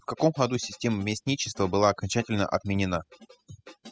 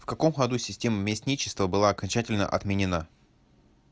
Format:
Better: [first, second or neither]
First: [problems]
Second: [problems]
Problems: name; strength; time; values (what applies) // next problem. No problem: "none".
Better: second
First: noise reduction (classical method spectral subtraction)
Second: none